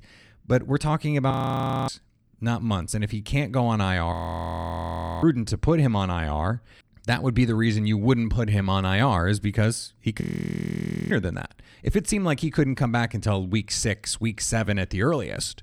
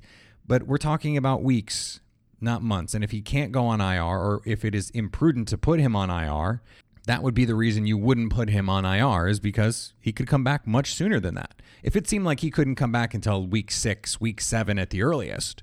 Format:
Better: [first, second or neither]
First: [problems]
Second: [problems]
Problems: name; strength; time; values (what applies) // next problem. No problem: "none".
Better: second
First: audio freezing; at 1.5 s for 0.5 s, at 4 s for 1 s and at 10 s for 1 s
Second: none